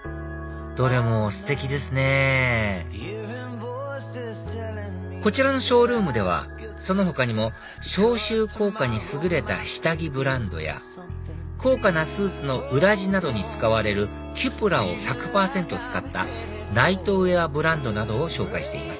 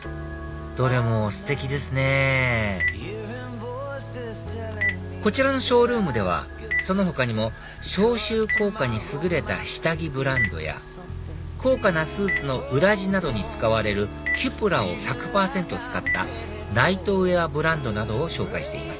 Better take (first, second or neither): first